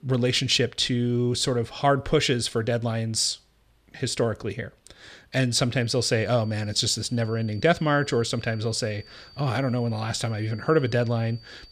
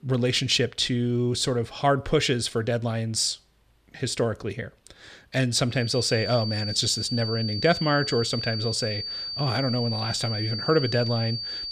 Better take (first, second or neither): first